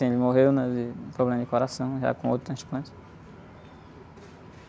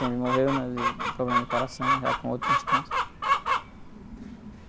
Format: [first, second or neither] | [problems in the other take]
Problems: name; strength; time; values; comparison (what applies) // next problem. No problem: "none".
first | background sound (Chicken, rooster); 3 dB above the speech